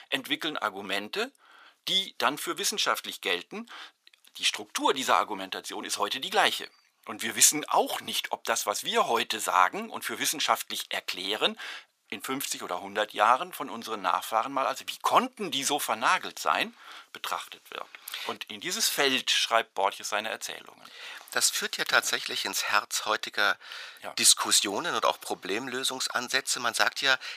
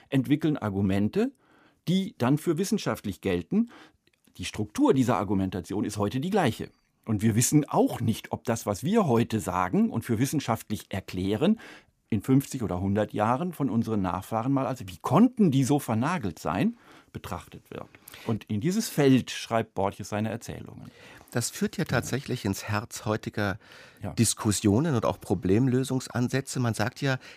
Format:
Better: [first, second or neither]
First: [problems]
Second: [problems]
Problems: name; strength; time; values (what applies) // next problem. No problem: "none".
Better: second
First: thin; very; fading below 850 Hz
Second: none